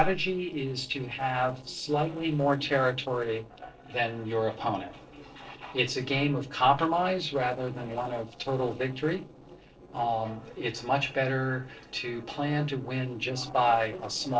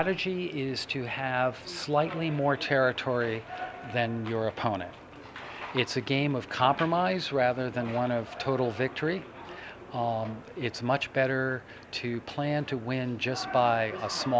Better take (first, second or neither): second